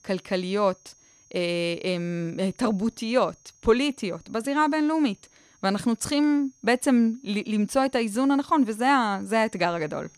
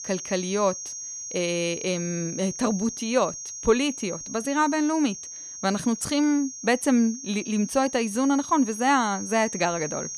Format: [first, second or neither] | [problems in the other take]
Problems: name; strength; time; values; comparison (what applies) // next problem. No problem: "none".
first | high-pitched whine; loud; throughout; 6.5 kHz, 9 dB below the speech; faint in the first